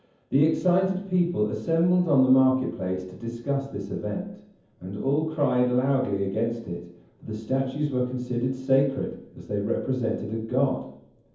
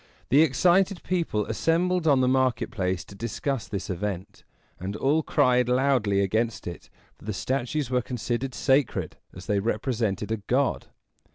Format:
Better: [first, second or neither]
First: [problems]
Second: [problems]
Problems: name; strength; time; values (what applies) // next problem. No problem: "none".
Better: second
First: room echo; dies away in 0.7 s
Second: none